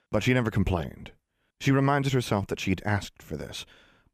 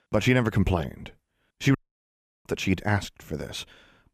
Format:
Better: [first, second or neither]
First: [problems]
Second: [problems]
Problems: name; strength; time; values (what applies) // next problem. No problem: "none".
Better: first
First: none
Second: audio cutting out; at 2 s for 0.5 s